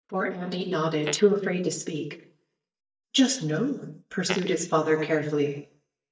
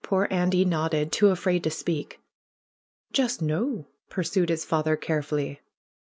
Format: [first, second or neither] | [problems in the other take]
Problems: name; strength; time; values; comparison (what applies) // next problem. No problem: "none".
second | noise reduction (neural mask model DeepFilterNet 3)